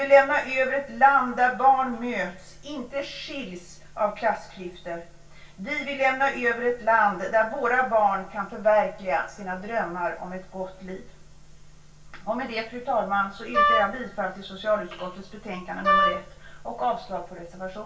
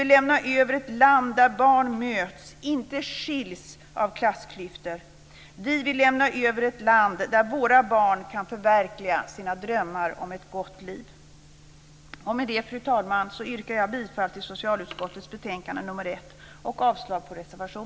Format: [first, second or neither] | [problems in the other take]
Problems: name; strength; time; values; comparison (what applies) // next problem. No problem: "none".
second | background sound (Wind instrument, woodwind instrument); 3 dB above the speech // room echo; dies away in 0.2 s